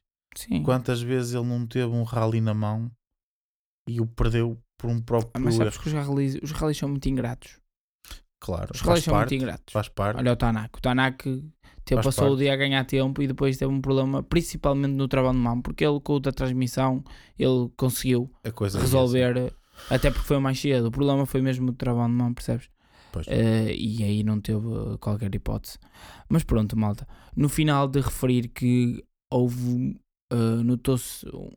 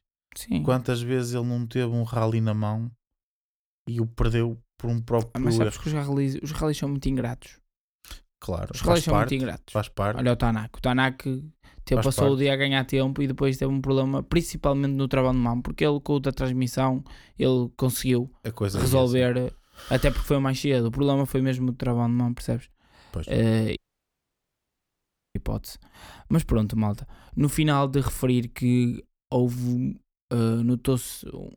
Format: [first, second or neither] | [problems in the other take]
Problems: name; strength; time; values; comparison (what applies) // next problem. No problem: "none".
first | audio cutting out; at 24 s for 1.5 s